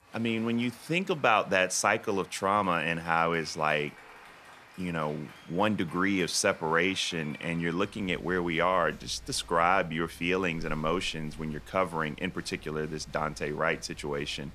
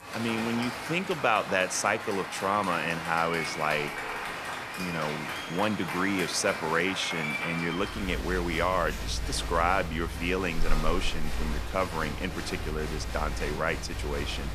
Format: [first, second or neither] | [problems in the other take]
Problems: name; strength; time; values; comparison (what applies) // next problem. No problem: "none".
first | crowd noise; loud; throughout; 5 dB below the speech; faint in the first